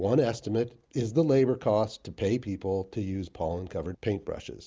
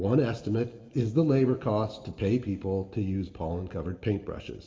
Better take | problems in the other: first | room echo; dies away in 1.7 s

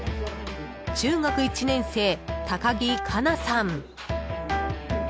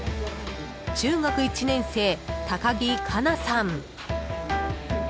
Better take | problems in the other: first | background sound (Sawing); 18 dB below the speech

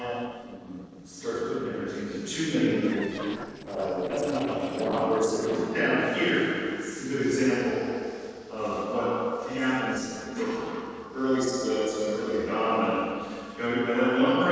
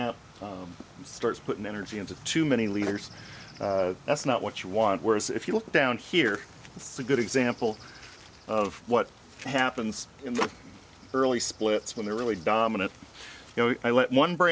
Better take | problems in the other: second | noise reduction (neural separator model SepFormer DNS4)

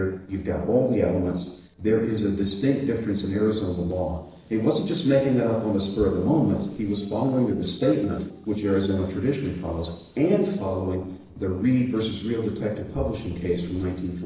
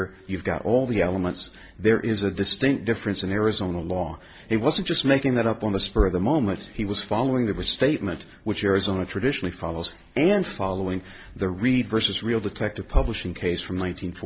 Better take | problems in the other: second | noise reduction (neural separator model SepFormer DNS4)

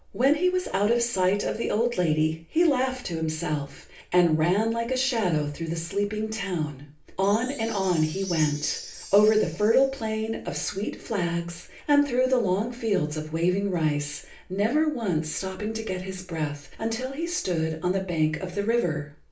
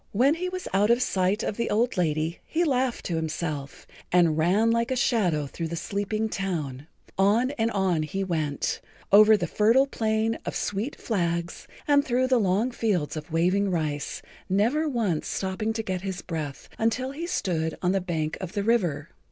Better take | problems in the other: second | background sound (Chime); 15 dB below the speech // room echo; dies away in 0.3 s

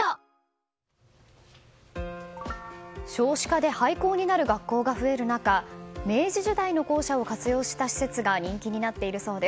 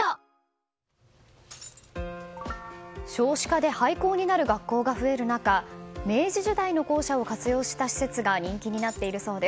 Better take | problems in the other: first | background sound (Shatter); 19 dB below the speech

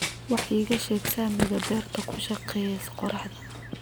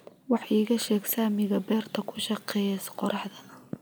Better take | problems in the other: second | background sound (Run); 6 dB below the speech

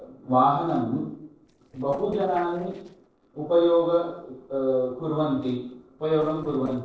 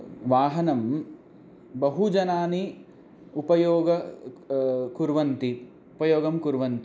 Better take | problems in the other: second | noise reduction (neural separator model SepFormer DNS4)

